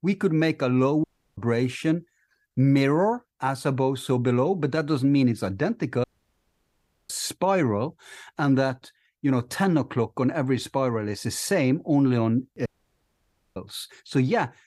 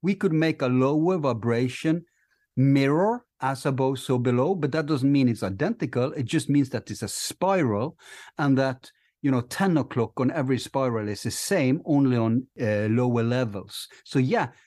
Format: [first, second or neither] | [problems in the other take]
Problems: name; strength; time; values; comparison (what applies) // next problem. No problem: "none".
second | audio cutting out; at 1 s, at 6 s for 1 s and at 13 s for 1 s